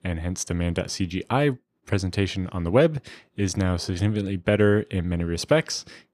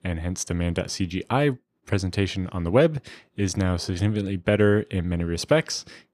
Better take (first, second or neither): neither